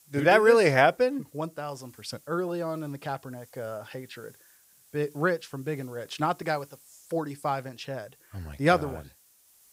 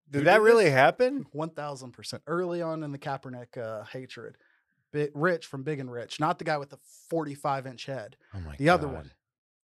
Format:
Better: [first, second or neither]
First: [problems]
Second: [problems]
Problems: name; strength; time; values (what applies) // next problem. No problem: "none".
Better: second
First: hiss; faint; throughout; 30 dB below the speech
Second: none